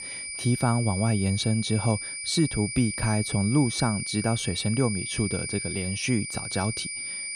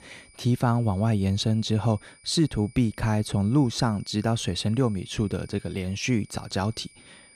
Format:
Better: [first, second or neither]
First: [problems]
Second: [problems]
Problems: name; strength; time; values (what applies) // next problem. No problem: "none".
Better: second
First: high-pitched whine; loud; throughout; 2.5 kHz, 5 dB below the speech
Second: high-pitched whine; faint; throughout; 2.5 kHz, 25 dB below the speech